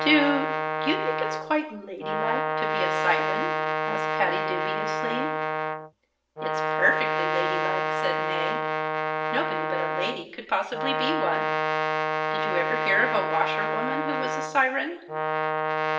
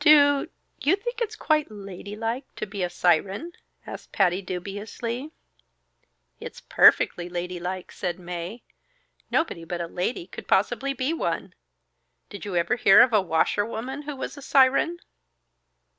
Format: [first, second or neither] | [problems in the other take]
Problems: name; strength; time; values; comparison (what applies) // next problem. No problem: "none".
second | background sound (Brass instrument); 2 dB above the speech // room echo; dies away in 0.8 s